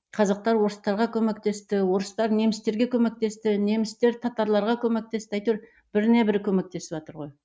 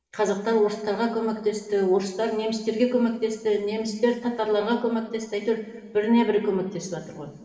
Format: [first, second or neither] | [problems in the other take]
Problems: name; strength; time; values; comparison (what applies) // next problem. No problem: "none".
first | room echo; dies away in 2.9 s